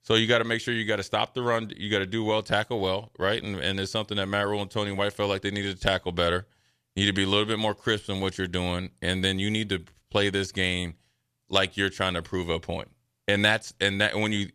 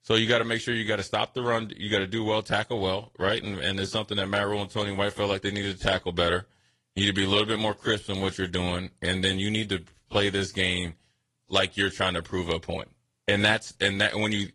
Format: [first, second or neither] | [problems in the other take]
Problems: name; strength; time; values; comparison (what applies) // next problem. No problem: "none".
first | garbled, watery; slightly